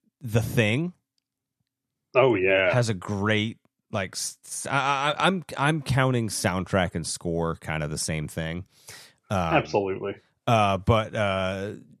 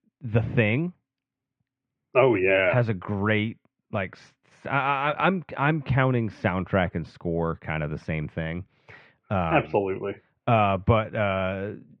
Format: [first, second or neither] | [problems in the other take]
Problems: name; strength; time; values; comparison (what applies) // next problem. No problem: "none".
first | muffled; very; fading above 2.5 kHz